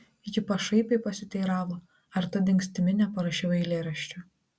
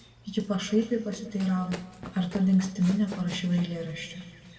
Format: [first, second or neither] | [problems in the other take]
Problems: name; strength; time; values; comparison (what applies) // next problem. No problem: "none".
first | background sound (Run); 18 dB below the speech // room echo; dies away in 1.8 s